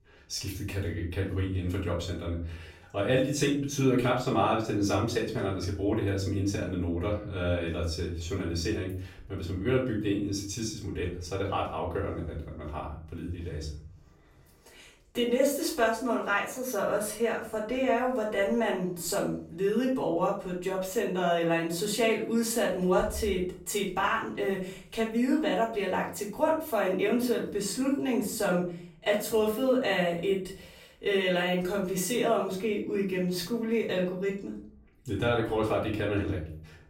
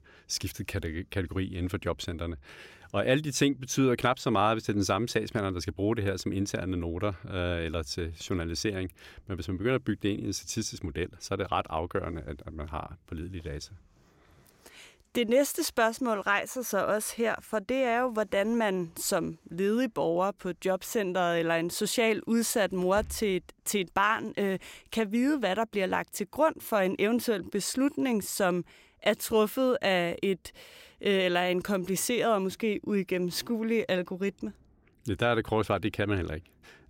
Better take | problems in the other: second | off-mic speech; far // room echo; slight; dies away in 0.5 s

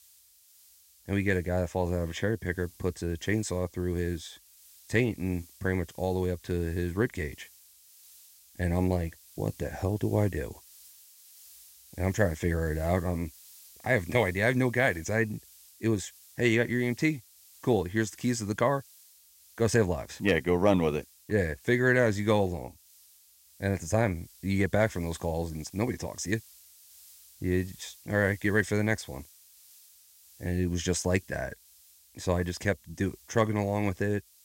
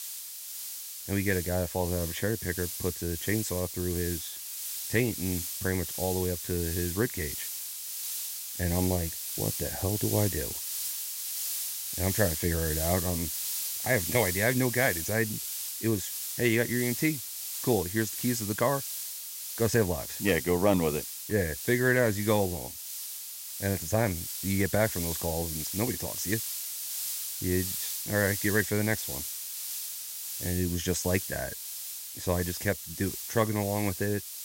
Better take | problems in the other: first | hiss; loud; throughout; 3 dB below the speech; faint in the first

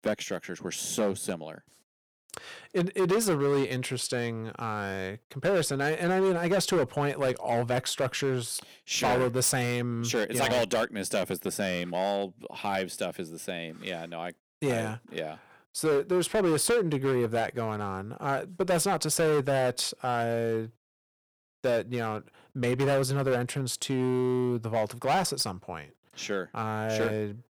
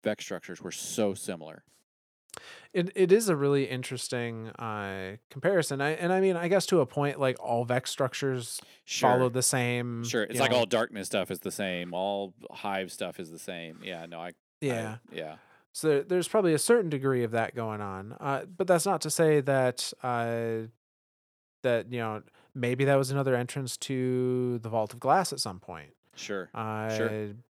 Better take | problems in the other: second | distortion; heavy; 9% of the sound clipped

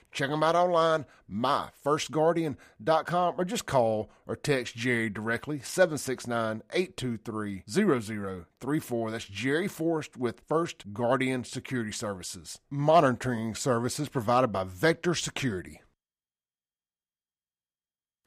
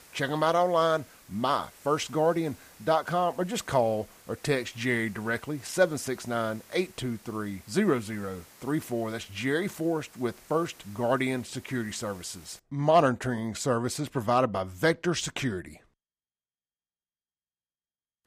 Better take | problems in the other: first | hiss; very faint; until 13 s; 25 dB below the speech

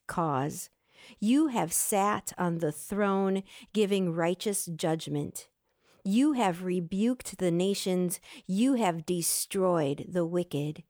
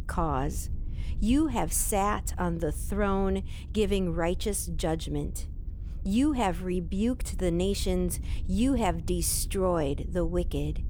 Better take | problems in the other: first | low rumble; faint; throughout; 25 dB below the speech

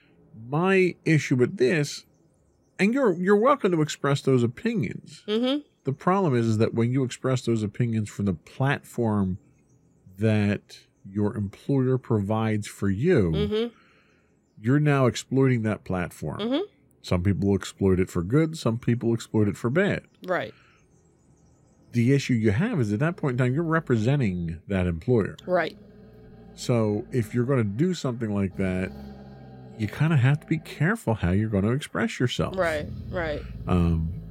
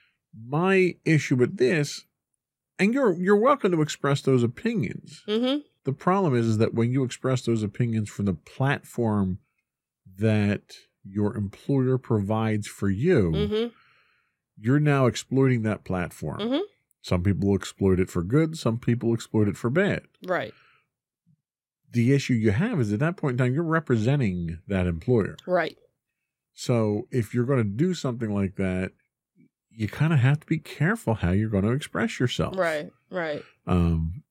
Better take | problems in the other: second | animal sounds; faint; throughout; 20 dB below the speech

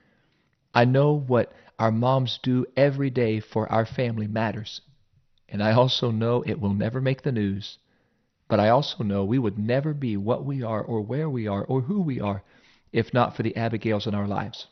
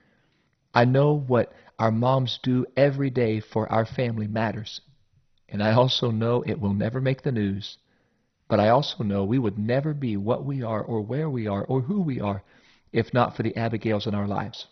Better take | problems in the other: first | garbled, watery; badly; nothing above 6 kHz; slightly in the first

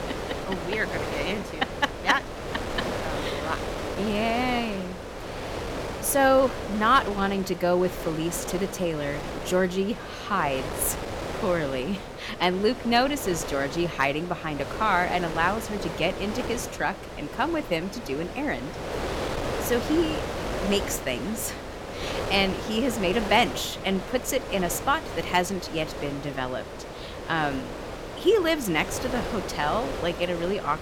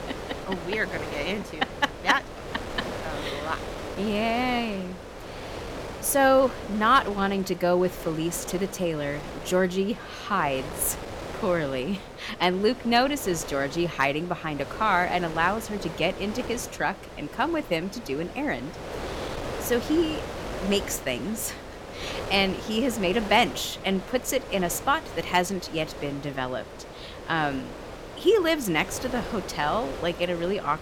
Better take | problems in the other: second | wind noise on the microphone; heavy; 7 dB below the speech; occasional gusts in the second

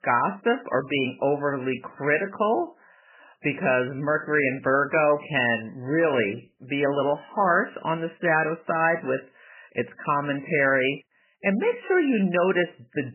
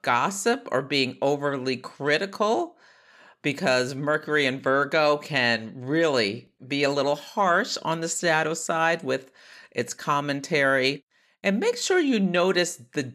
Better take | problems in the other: second | garbled, watery; badly; nothing above 3 kHz

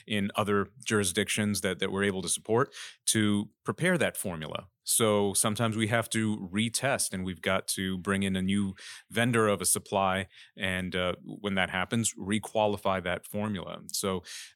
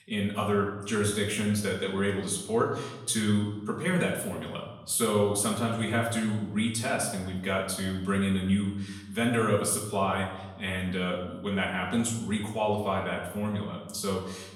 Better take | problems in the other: first | room echo; noticeable; dies away in 0.9 s // off-mic speech; far

